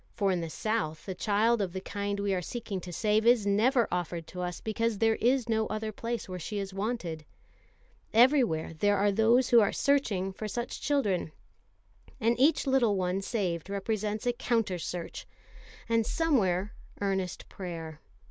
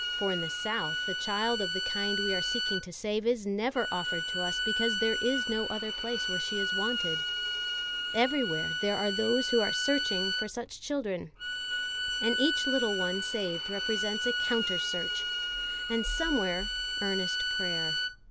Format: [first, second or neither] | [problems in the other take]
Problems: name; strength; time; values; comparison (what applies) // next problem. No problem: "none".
first | background sound (Bowed string instrument); as loud as the speech